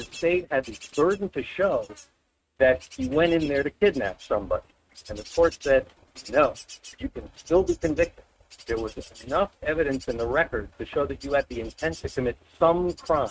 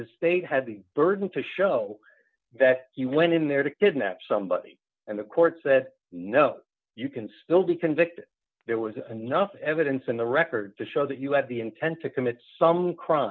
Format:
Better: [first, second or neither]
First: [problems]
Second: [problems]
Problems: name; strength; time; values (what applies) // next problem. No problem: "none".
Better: second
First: noise reduction (neural mask model RNNoise)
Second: none